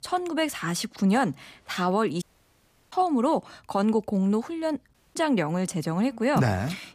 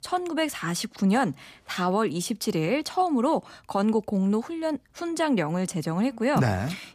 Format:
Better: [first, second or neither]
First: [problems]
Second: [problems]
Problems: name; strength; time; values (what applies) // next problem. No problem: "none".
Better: second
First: audio cutting out; at 2 s for 0.5 s and at 5 s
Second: none